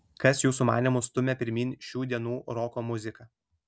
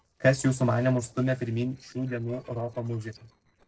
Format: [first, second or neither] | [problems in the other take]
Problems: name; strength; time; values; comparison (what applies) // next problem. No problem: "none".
first | noise reduction (neural separator model SepFormer DNS4)